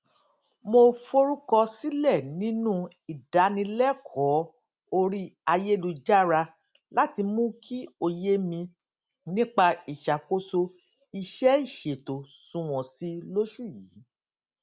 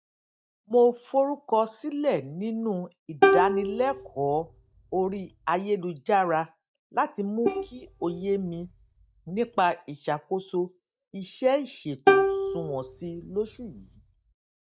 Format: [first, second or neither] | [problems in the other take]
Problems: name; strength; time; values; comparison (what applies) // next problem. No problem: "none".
first | noise reduction (neural mask model DeepFilterNet 3)